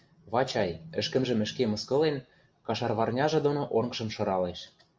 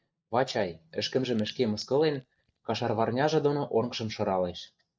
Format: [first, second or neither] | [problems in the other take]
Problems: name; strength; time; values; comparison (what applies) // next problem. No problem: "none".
first | noise reduction (neural mask model DeepFilterNet 3)